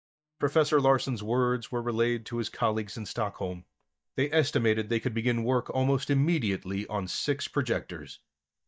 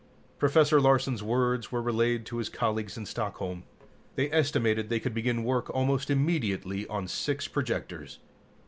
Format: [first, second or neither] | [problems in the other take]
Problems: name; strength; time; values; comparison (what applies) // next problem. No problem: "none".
second | noise reduction (neural mask model DeepFilterNet 3)